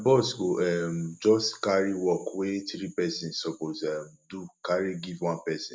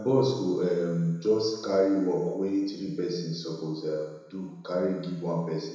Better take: first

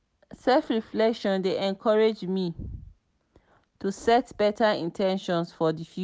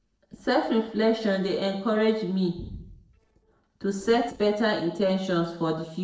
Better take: first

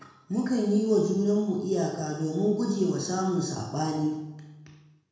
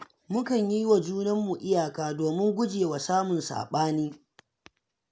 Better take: second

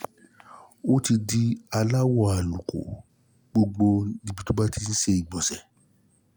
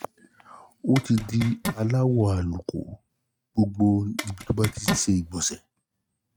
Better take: first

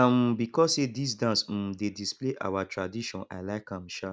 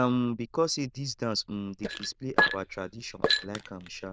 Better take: first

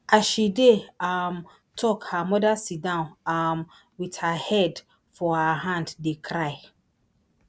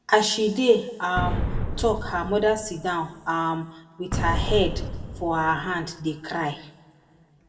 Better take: first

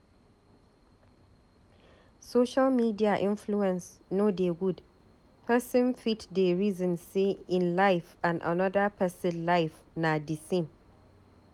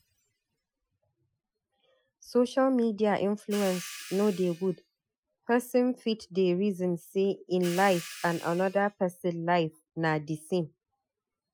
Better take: first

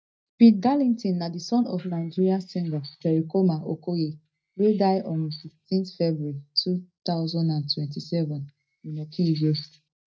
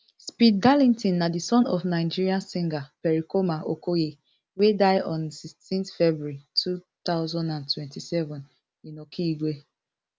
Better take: second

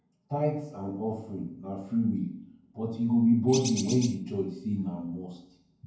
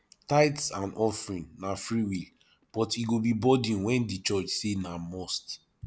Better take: second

